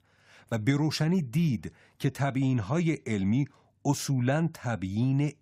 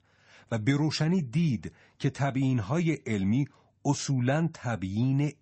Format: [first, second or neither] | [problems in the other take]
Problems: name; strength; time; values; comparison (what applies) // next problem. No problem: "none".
first | garbled, watery; slightly; nothing above 8 kHz